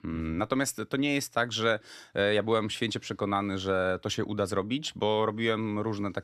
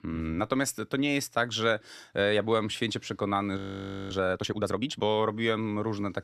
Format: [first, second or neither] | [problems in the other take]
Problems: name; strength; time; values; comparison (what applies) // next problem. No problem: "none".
first | audio freezing; at 3.5 s for 0.5 s